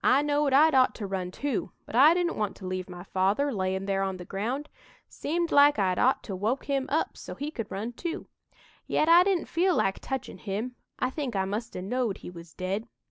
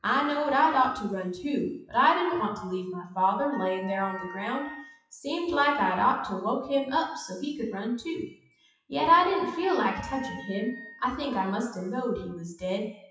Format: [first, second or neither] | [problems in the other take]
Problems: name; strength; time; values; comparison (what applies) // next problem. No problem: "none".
first | noise reduction (classical method WPE with log-MMSE)